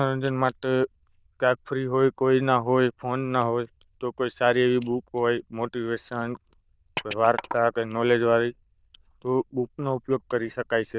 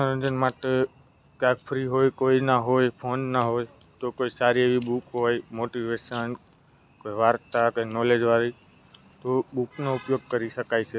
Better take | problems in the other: second | noise reduction (neural diffusion model UNIVERSE++)

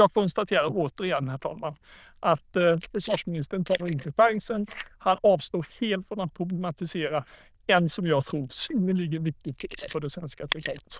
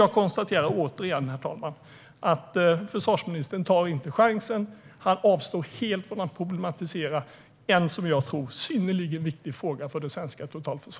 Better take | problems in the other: second | noise reduction (neural diffusion model UNIVERSE++)

